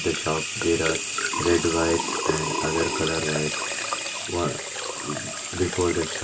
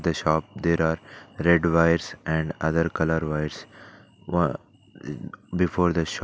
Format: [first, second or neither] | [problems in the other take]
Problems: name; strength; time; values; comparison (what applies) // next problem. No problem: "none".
second | background sound (Sink (filling or washing) / Water tap, faucet); 1 dB below the speech // room echo; dies away in 0.1 s